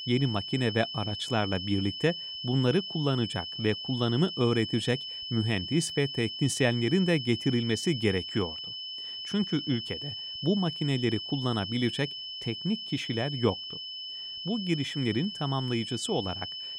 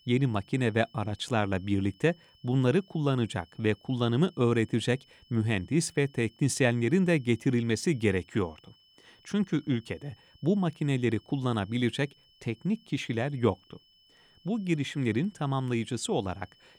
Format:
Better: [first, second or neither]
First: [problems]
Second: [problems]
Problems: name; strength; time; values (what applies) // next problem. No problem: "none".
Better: second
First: high-pitched whine; loud; throughout; 3 kHz, 6 dB below the speech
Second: high-pitched whine; faint; throughout; 3 kHz, 30 dB below the speech